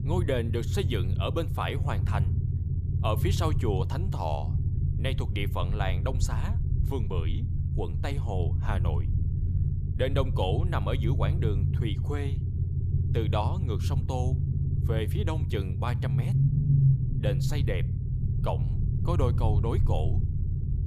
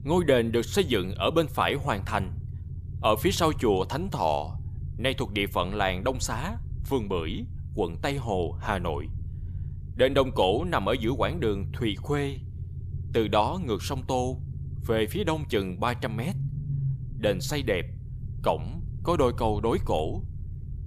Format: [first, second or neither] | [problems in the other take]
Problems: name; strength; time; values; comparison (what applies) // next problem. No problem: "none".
second | low rumble; loud; throughout; 6 dB below the speech; faint in the second